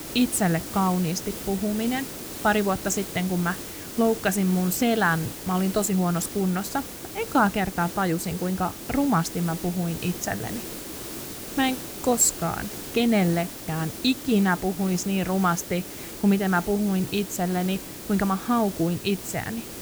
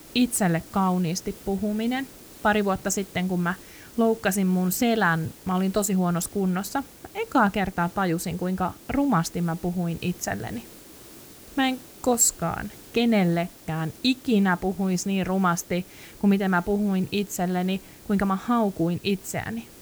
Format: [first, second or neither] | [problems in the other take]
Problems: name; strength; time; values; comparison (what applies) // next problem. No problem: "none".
second | hiss; loud; throughout; 10 dB below the speech; faint in the second